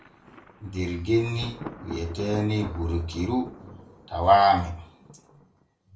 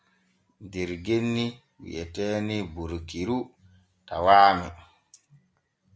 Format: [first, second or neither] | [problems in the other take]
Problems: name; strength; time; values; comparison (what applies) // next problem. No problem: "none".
second | background sound (Thunder); 16 dB below the speech // room echo; dies away in 0.2 s